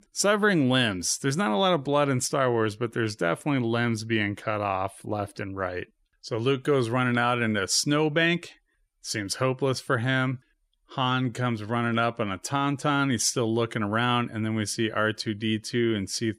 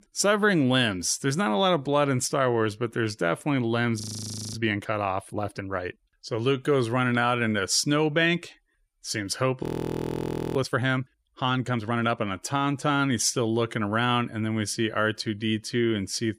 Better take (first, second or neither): first